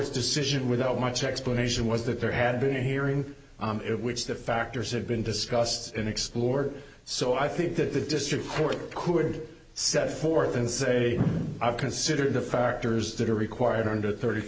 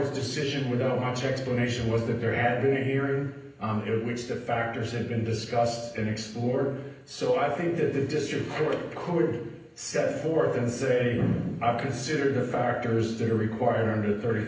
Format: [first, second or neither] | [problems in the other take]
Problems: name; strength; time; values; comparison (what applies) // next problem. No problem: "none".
first | room echo; dies away in 0.8 s